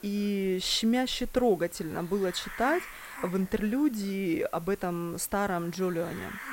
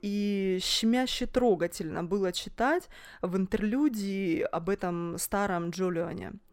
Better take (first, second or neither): second